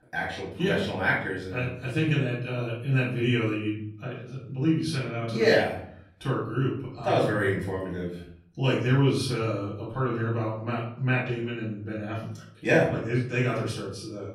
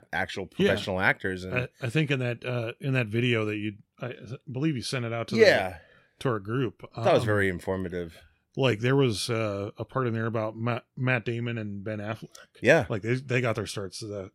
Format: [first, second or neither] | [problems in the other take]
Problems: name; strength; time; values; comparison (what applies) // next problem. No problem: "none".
second | off-mic speech; far // room echo; noticeable; dies away in 0.6 s